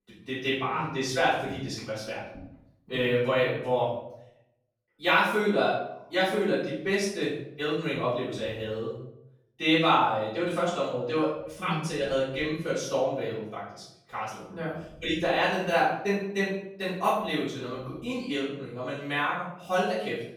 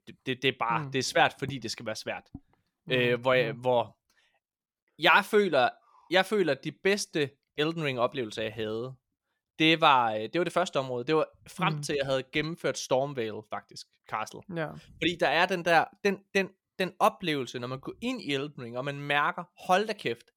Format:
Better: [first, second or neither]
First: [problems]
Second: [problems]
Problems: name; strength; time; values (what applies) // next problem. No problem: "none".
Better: second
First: off-mic speech; far // room echo; noticeable; dies away in 0.6 s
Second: none